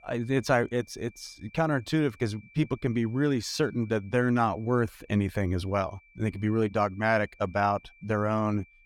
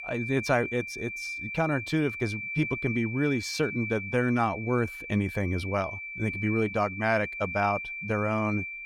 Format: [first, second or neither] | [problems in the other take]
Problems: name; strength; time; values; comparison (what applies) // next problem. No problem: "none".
first | high-pitched whine; loud; throughout; 2.5 kHz, 6 dB below the speech; faint in the first